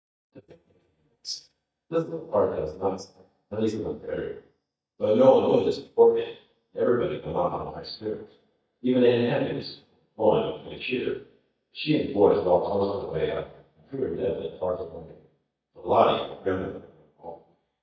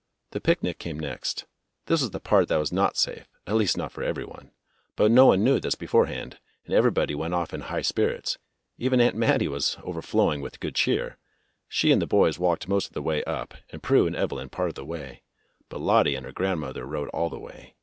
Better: second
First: noise reduction (neural mask model DeepFilterNet 3)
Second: none

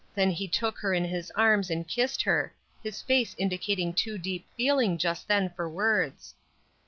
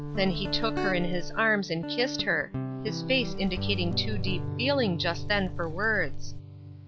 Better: first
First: none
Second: background sound (Wind + Guitar); 3 dB below the speech

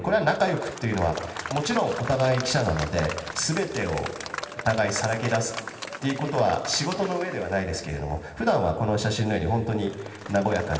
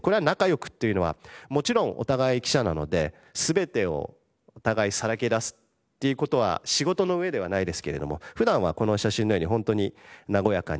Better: second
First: background sound (Applause / Crowd); 12 dB below the speech // room echo; dies away in 2.1 s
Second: none

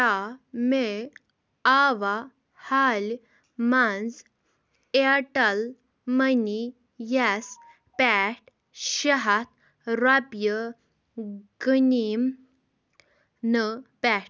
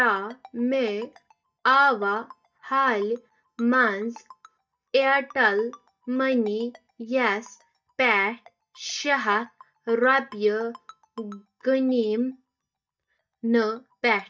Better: first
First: none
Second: noise reduction (neural mask model DeepFilterNet 3)

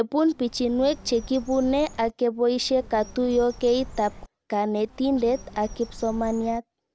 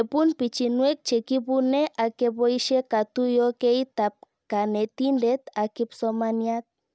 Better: second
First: background sound (Bird); 17 dB below the speech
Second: none

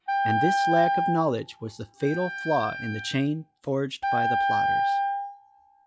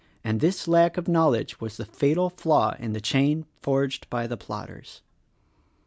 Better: second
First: noise reduction (classical method log-MMSE)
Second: none

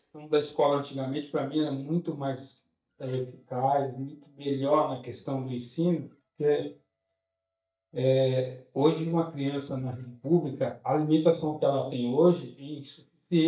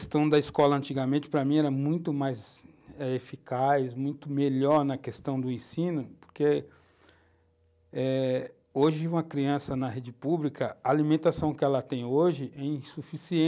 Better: second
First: noise reduction (neural mask model DeepFilterNet 3)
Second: none

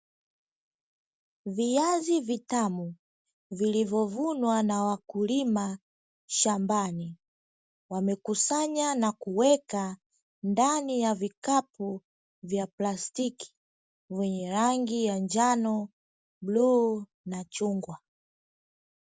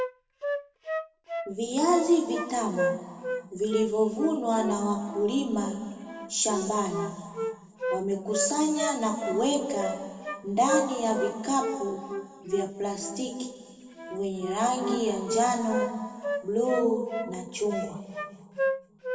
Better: first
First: none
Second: background sound (Wind instrument, woodwind instrument); 6 dB below the speech // room echo; dies away in 2 s

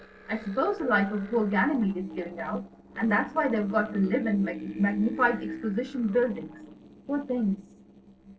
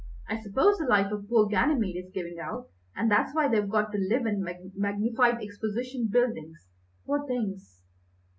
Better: second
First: noise reduction (neural separator model SepFormer DNS4)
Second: none

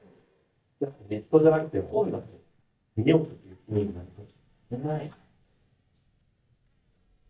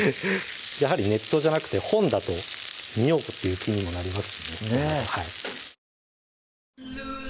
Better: second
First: noise reduction (neural mask model DeepFilterNet 3)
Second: none

